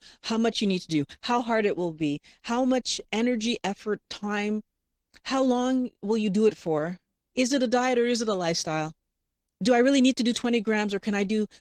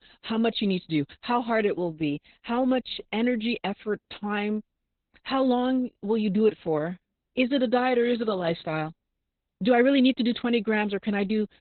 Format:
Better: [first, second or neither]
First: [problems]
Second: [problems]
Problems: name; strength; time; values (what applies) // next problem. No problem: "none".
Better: first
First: garbled, watery; slightly; nothing above 18.5 kHz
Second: garbled, watery; badly; nothing above 4 kHz